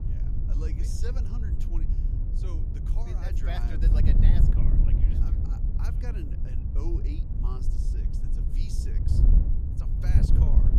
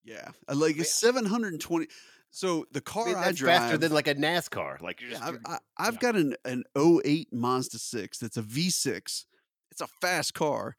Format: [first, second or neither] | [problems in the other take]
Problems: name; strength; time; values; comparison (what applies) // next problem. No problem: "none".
second | wind noise on the microphone; heavy; 2 dB above the speech